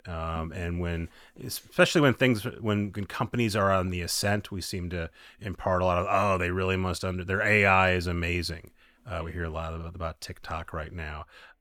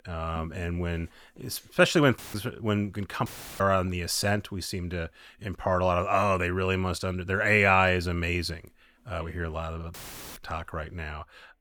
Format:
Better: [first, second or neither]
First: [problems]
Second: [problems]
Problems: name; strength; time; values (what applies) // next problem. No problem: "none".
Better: first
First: none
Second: audio cutting out; filled with static; at 2 s, at 3.5 s and at 10 s